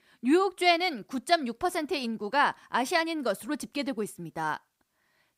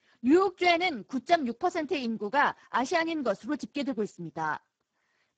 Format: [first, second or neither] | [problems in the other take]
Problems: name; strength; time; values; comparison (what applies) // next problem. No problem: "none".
first | garbled, watery; badly; nothing above 7.5 kHz